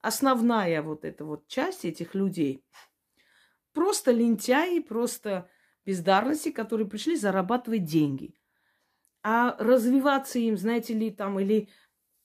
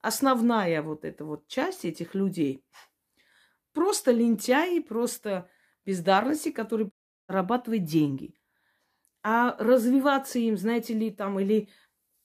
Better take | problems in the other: first | audio cutting out; at 7 s

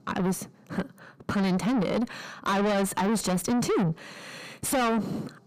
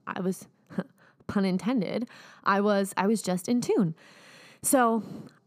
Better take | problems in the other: second | distortion; heavy; 6 dB below the speech

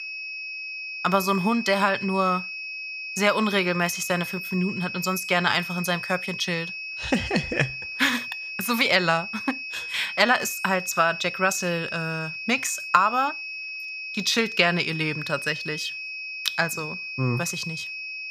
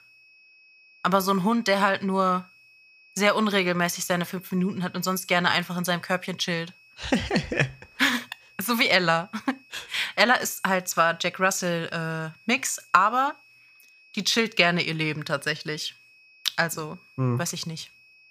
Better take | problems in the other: second | high-pitched whine; loud; throughout; 2.5 kHz, 7 dB below the speech; faint in the second

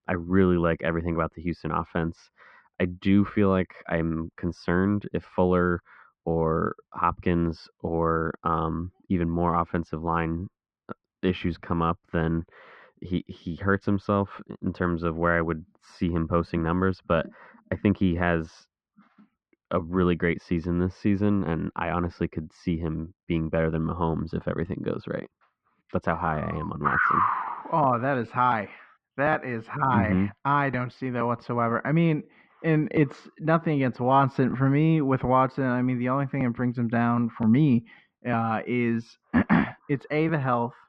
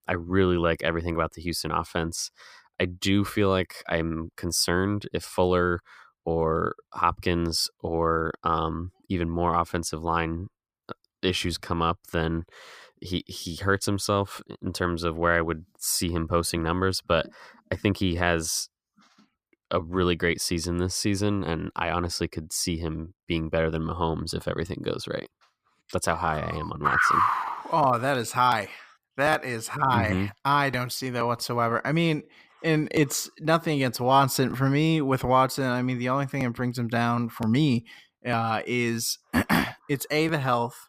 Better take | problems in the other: second | muffled; very; fading above 2 kHz

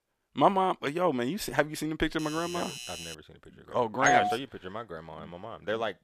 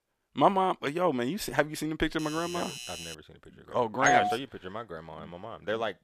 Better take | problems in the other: neither | doorbell; noticeable; from 2 to 3 s; peak 9 dB below the speech; the same in both // doorbell; loud; at 4 s; peak 3 dB above the speech; the same in both

